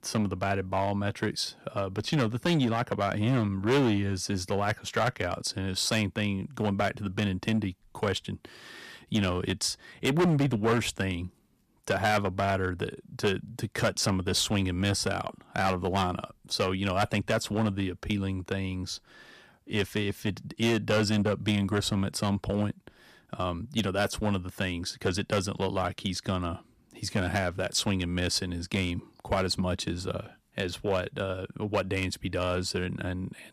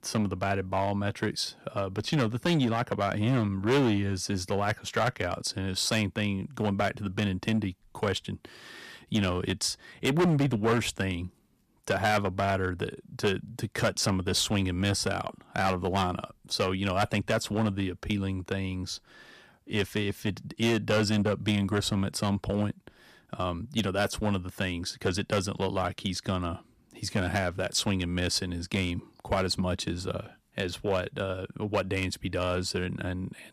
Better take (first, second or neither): neither